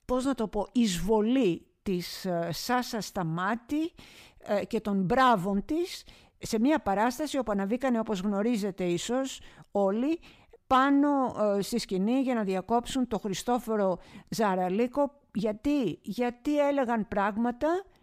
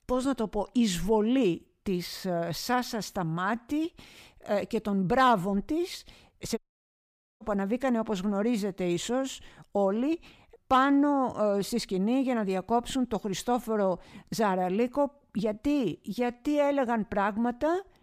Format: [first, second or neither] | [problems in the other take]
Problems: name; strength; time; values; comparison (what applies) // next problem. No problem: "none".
first | audio cutting out; at 6.5 s for 1 s